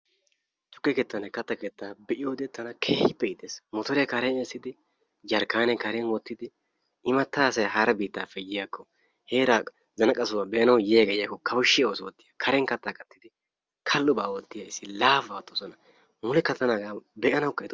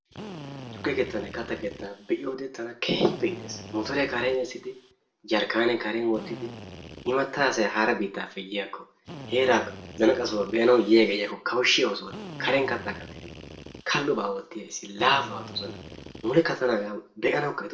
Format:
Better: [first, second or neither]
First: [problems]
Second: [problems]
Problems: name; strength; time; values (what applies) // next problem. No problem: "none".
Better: first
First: none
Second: background sound (Drill); 17 dB below the speech // room echo; dies away in 0.4 s